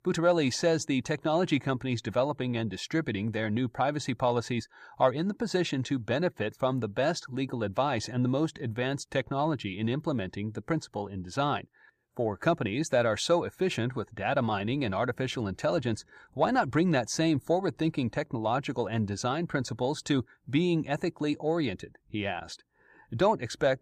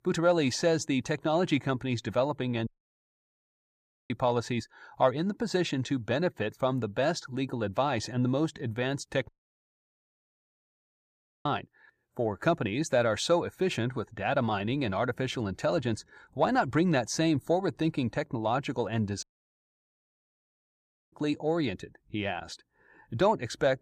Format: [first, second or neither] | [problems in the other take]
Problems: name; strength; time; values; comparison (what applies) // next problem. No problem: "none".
first | audio cutting out; at 2.5 s for 1.5 s, at 9.5 s for 2 s and at 19 s for 2 s